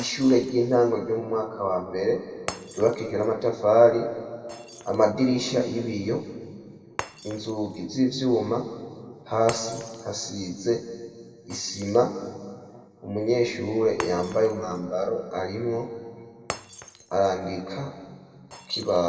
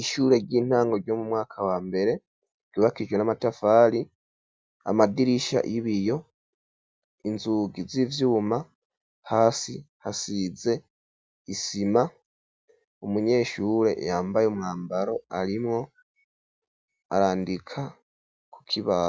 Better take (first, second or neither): second